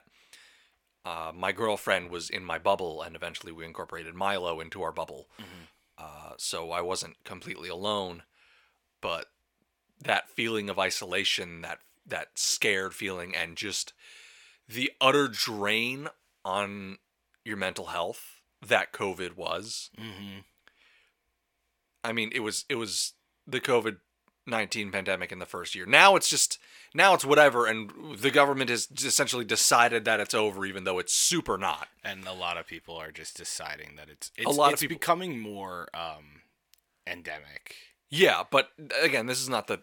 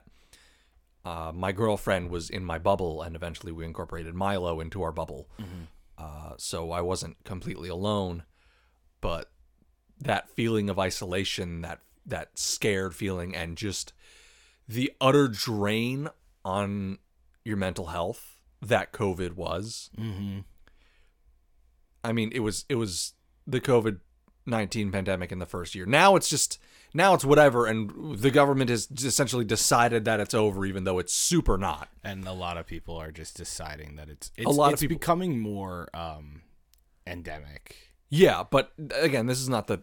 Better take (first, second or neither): second